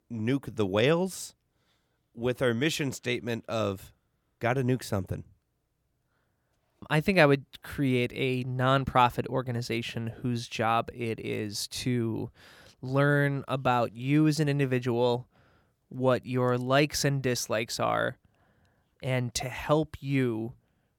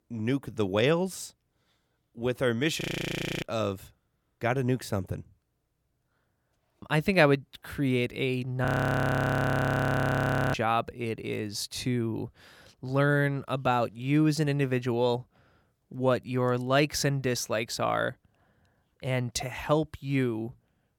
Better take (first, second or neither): first